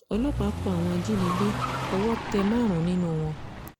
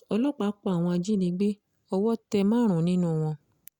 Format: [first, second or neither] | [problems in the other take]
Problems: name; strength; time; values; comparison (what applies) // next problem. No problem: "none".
second | background sound (Car); 5 dB below the speech